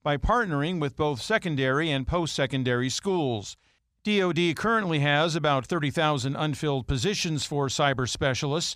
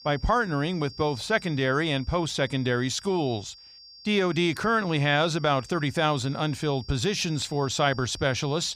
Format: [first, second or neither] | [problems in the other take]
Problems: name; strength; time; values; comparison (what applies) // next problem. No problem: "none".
first | high-pitched whine; noticeable; throughout; 5 kHz, 20 dB below the speech